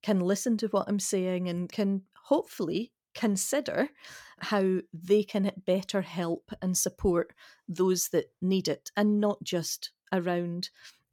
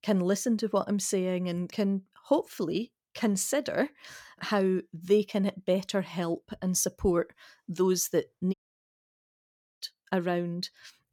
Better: first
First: none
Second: audio cutting out; at 8.5 s for 1.5 s

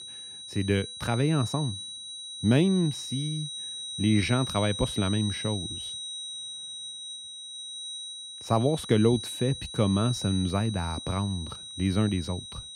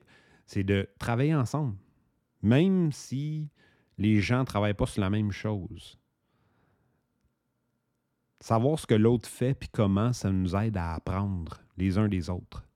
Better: second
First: high-pitched whine; loud; throughout; 4 kHz, 8 dB below the speech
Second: none

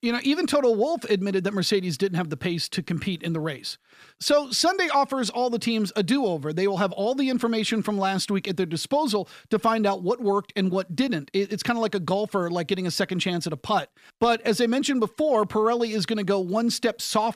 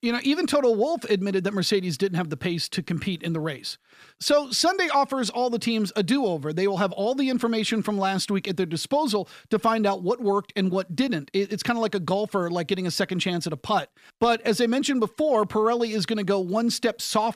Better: neither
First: none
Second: none

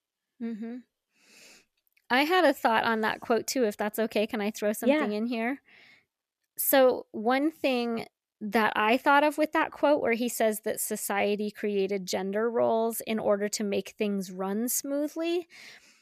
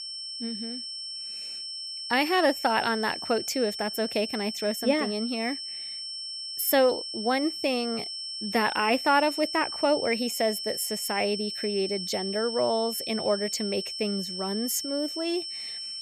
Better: first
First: none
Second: high-pitched whine; loud; throughout; 5.5 kHz, 5 dB below the speech

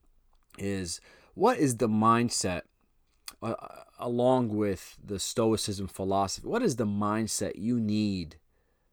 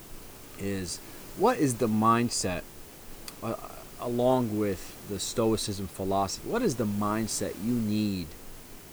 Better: first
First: none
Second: hiss; noticeable; throughout; 15 dB below the speech

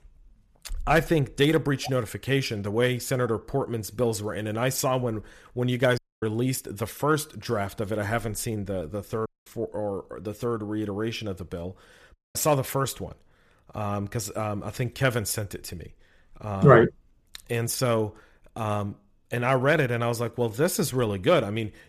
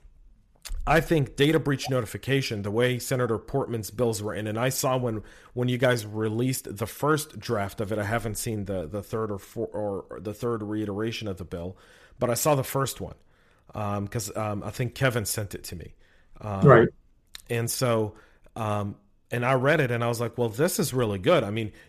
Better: second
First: audio cutting out; at 6 s, at 9.5 s and at 12 s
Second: none

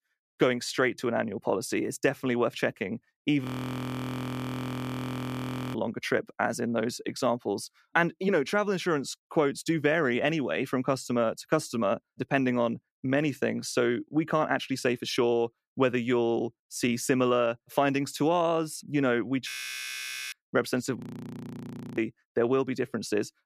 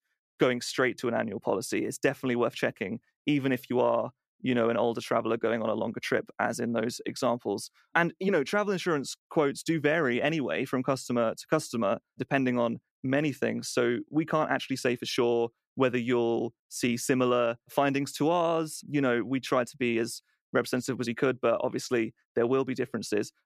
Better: second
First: audio freezing; at 3.5 s for 2.5 s, at 19 s for 1 s and at 21 s for 1 s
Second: none

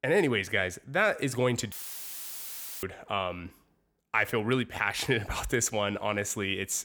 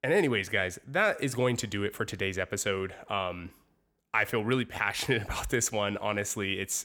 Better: second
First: audio cutting out; filled with static; at 1.5 s for 1 s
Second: none

